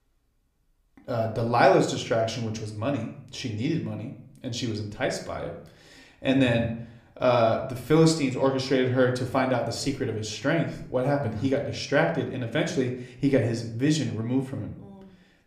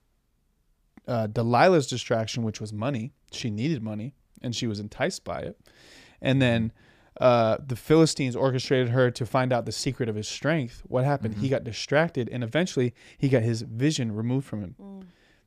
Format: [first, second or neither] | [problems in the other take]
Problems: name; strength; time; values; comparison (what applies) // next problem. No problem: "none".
second | room echo; slight; dies away in 0.5 s